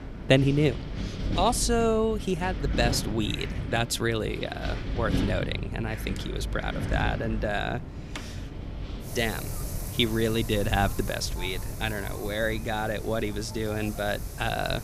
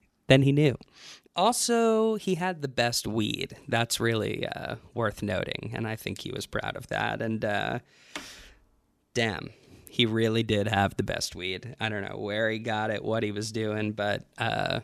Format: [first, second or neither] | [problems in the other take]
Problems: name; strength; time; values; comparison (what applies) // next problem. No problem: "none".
second | wind in the background; loud; throughout; 6 dB below the speech